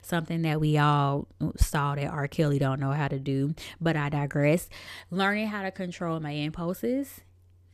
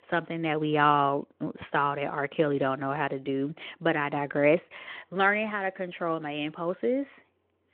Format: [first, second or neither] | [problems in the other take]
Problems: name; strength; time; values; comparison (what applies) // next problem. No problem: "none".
first | phone-call audio